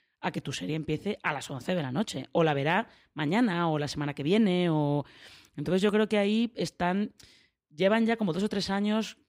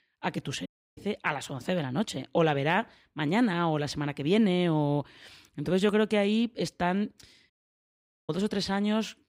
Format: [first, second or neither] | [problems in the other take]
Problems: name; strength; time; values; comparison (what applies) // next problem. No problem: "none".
first | audio cutting out; at 0.5 s and at 7.5 s for 1 s